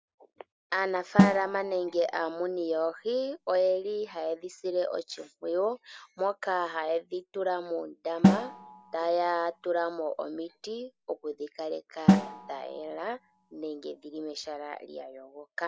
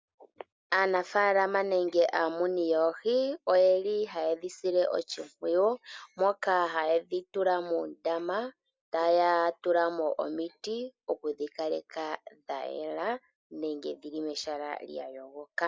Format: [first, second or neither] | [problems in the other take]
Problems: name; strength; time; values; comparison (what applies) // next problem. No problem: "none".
second | background sound (Snare drum); 1 dB above the speech